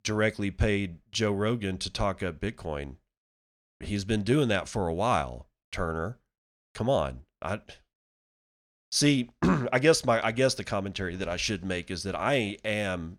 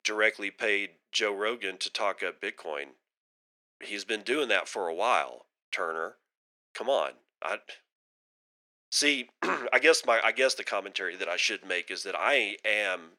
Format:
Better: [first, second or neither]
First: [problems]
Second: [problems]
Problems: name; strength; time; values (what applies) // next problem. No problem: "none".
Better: first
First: none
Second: thin; very; fading below 350 Hz